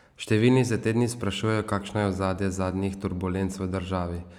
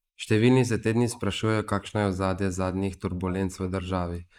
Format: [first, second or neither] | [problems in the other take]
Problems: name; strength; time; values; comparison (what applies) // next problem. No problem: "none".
first | noise reduction (neural mask model Resemble Enhance denoiser)